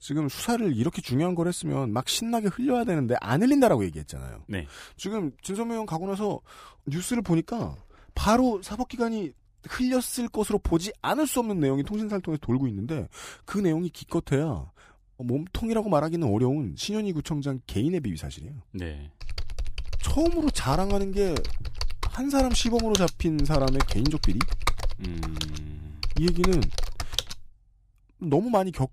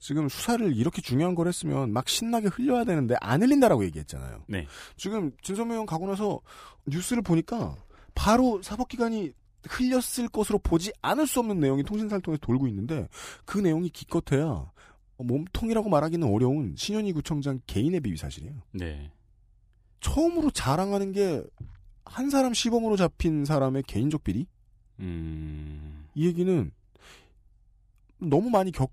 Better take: second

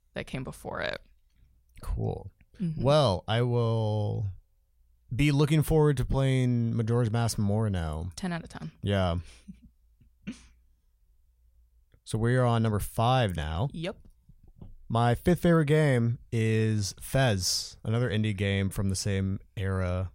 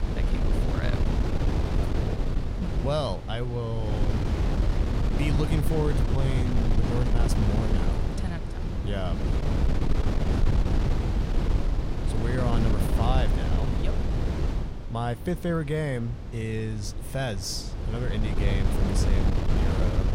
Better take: first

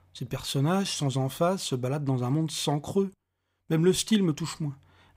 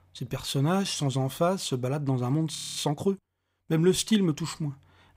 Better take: first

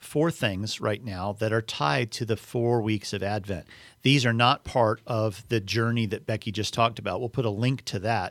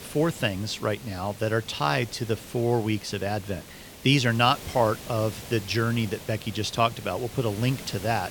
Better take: first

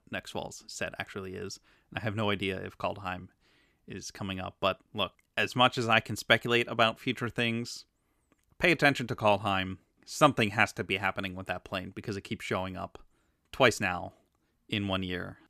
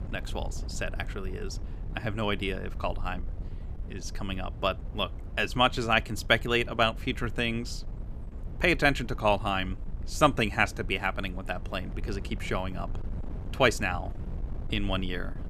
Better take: first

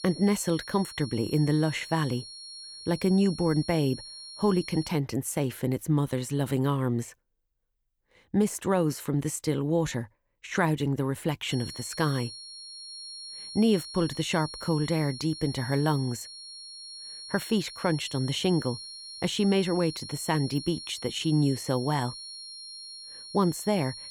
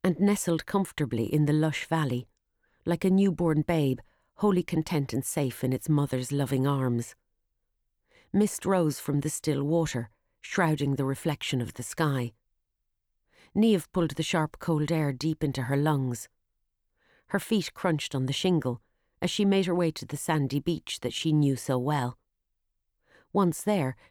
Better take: second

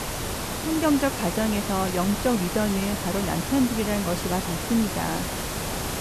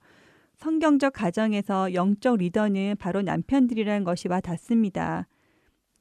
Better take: second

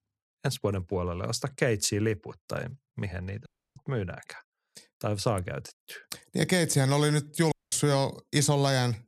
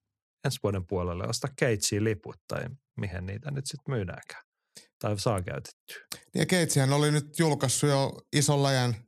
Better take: second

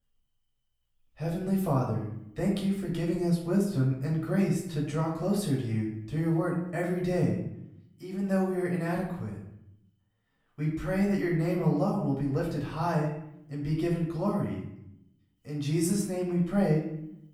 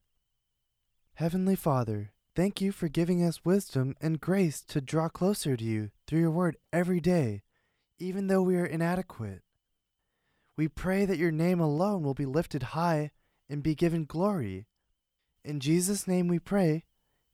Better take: second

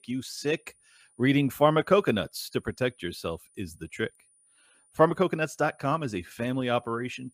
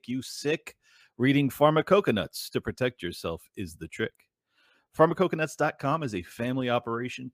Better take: second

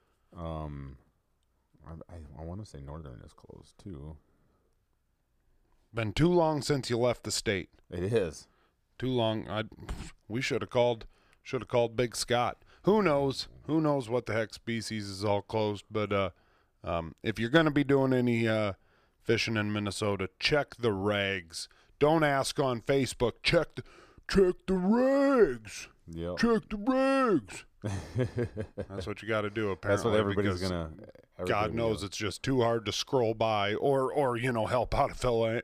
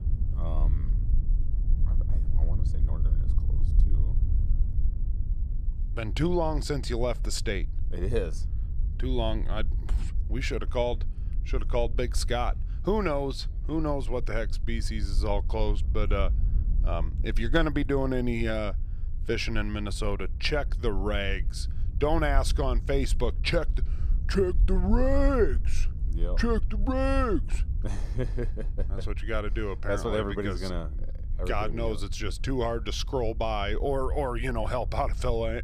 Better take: first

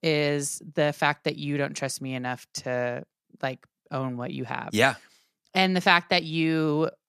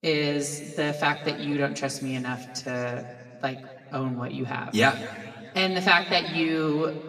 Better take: first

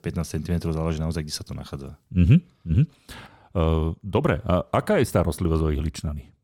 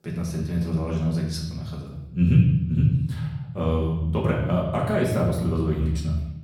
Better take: first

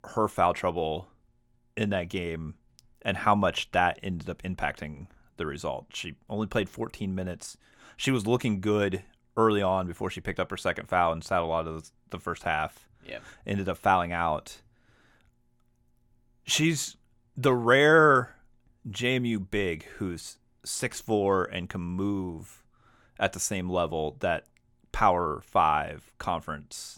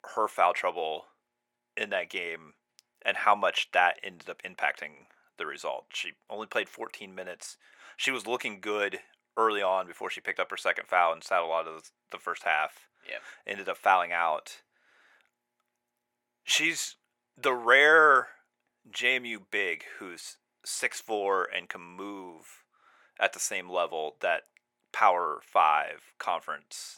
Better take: first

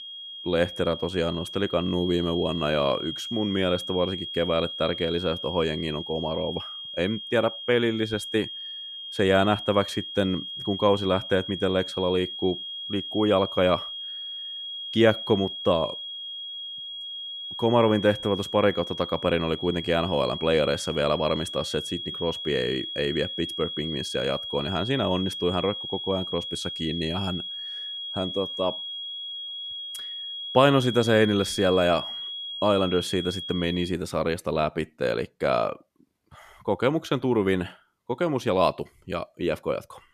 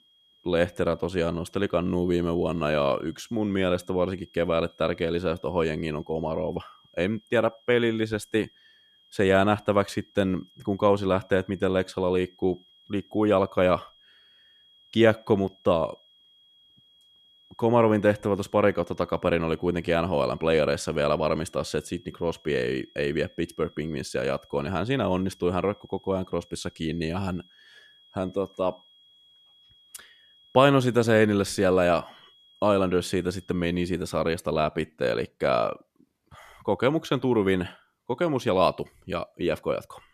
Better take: second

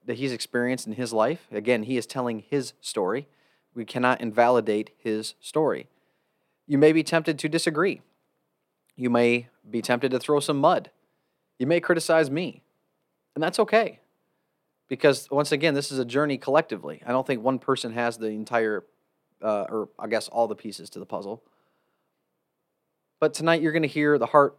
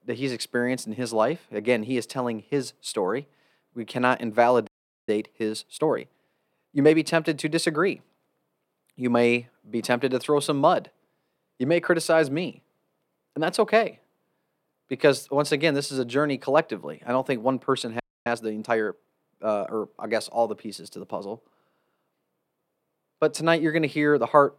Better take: first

